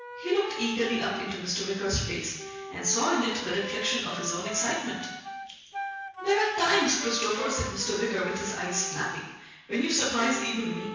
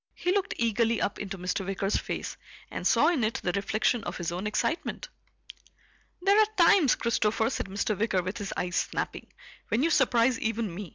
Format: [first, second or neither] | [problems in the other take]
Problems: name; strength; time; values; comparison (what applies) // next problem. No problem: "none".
second | background sound (Wind instrument, woodwind instrument); 11 dB below the speech // room echo; dies away in 1.1 s